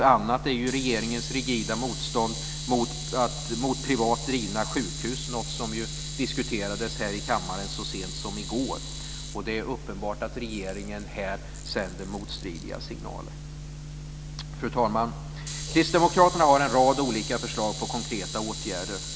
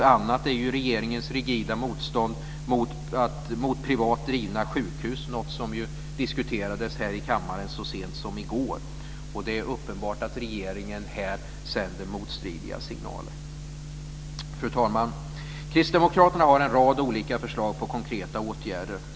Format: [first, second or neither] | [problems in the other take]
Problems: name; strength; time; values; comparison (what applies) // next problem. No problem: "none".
second | background sound (Camera); 11 dB below the speech